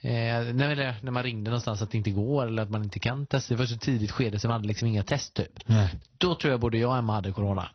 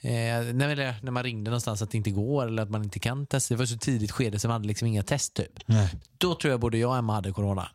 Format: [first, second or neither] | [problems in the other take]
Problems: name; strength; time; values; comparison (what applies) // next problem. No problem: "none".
second | garbled, watery; slightly; nothing above 6 kHz